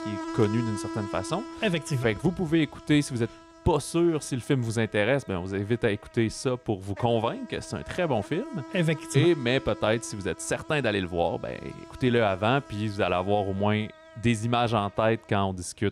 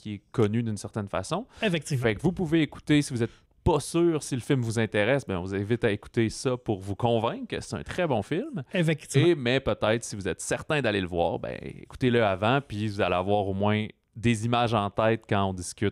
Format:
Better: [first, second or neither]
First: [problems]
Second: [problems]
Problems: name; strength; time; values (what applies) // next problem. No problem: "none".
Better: second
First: animal sounds; noticeable; throughout; 15 dB below the speech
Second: none